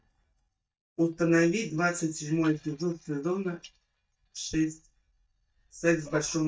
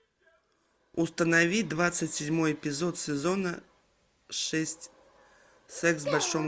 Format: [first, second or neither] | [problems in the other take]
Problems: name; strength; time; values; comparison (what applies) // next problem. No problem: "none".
second | noise reduction (neural mask model DeepFilterNet 3)